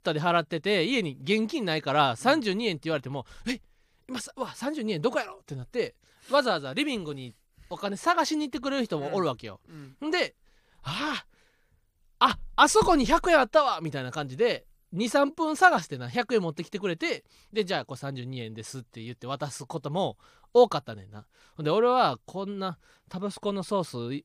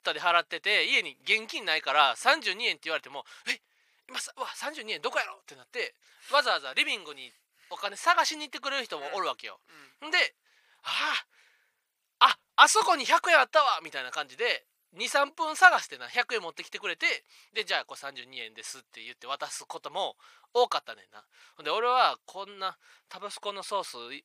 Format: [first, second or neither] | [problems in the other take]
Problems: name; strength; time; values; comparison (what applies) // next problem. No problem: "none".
first | thin; very; fading below 800 Hz